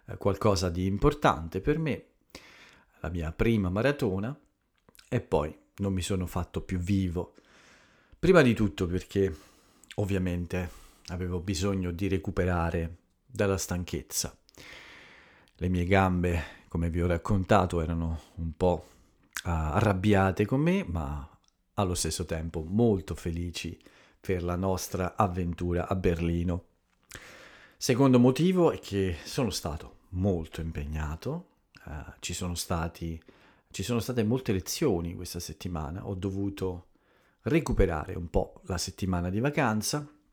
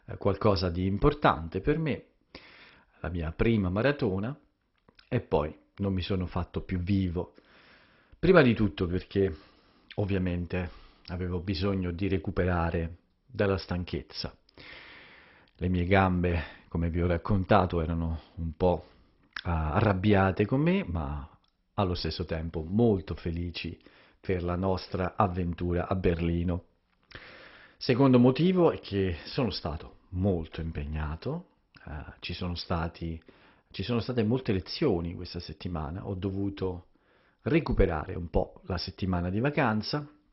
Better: first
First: none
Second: garbled, watery; badly; nothing above 5.5 kHz

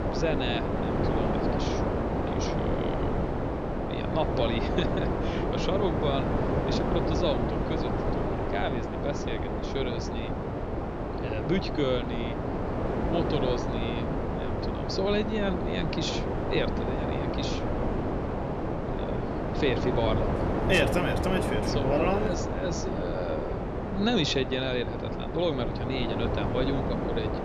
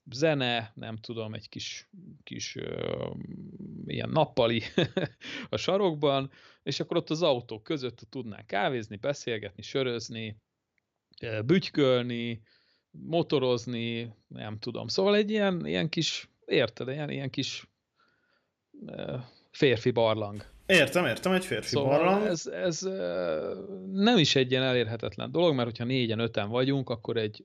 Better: second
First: wind noise on the microphone; heavy; as loud as the speech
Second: none

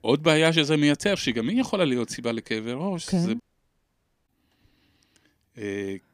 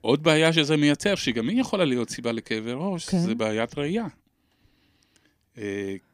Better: second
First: audio cutting out; at 3.5 s for 1 s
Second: none

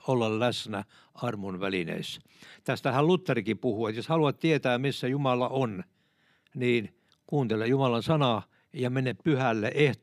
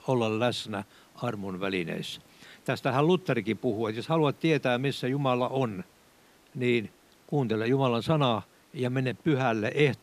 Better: first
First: none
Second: hiss; faint; throughout; 30 dB below the speech

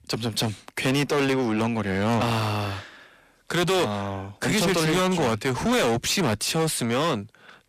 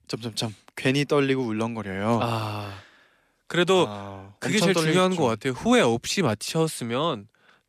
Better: second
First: distortion; heavy; 6 dB below the speech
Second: none

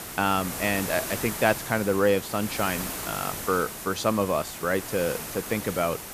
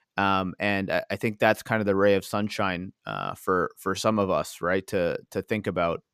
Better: second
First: hiss; loud; throughout; 6 dB below the speech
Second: none

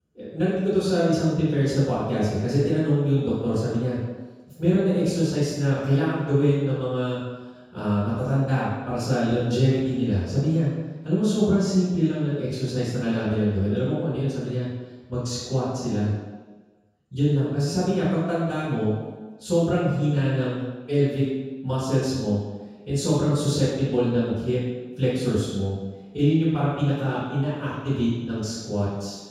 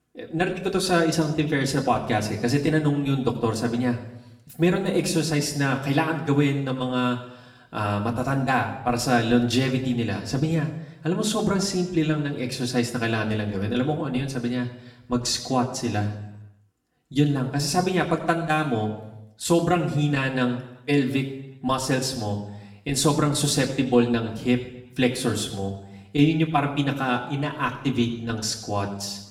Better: second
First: room echo; strong; dies away in 1.2 s // off-mic speech; far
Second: room echo; slight; dies away in 0.7 s // off-mic speech; somewhat distant

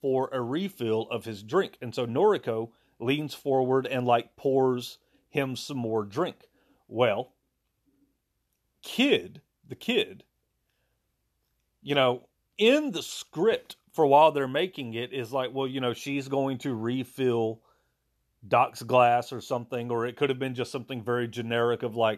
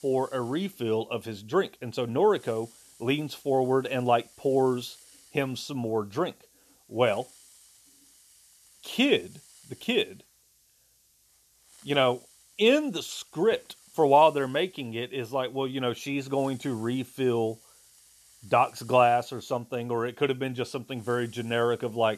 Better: first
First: none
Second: hiss; faint; throughout; 25 dB below the speech

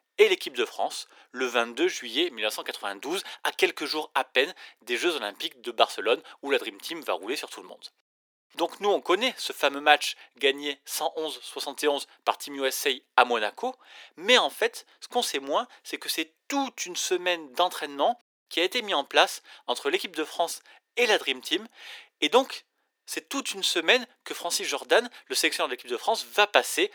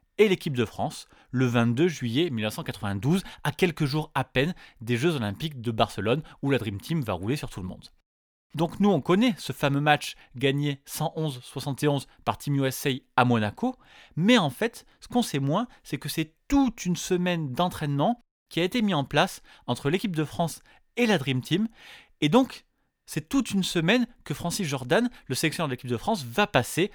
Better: second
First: thin; very; fading below 350 Hz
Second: none

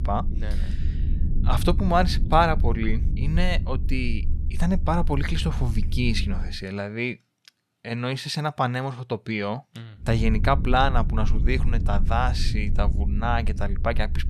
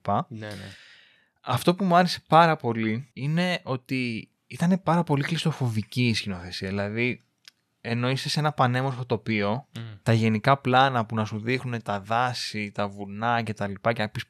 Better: second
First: low rumble; noticeable; until 6.5 s and from 10 s on; 15 dB below the speech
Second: none

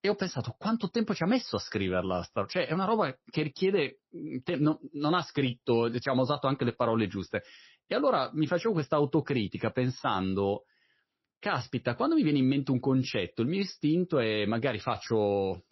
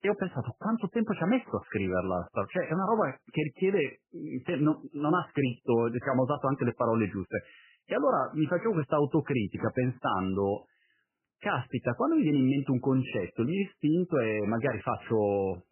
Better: first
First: garbled, watery; slightly; nothing above 5.5 kHz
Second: garbled, watery; badly; nothing above 3 kHz

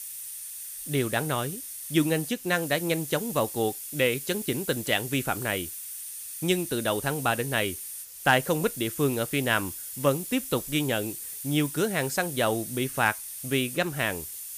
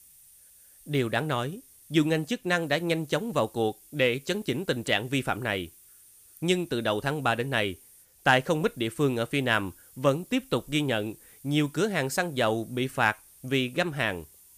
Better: second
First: hiss; loud; throughout; 8 dB below the speech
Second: hiss; faint; throughout; 25 dB below the speech

